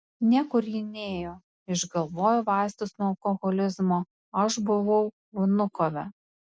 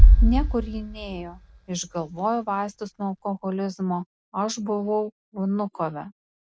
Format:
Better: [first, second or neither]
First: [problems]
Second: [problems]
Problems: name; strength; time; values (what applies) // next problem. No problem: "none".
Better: first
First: none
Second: background sound (Bass drum); 5 dB above the speech